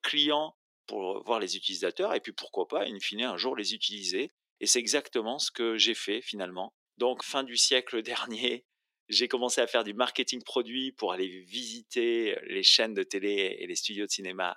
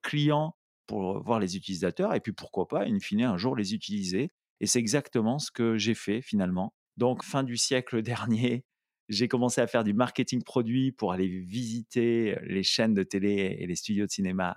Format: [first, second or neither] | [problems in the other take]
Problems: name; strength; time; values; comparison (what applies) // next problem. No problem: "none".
second | thin; somewhat; fading below 350 Hz